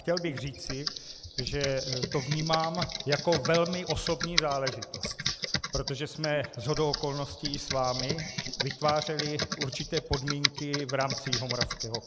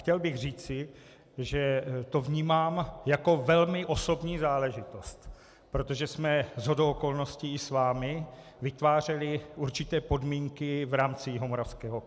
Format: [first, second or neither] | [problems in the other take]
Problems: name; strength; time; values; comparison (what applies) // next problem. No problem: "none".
second | background sound (Computer keyboard); 3 dB below the speech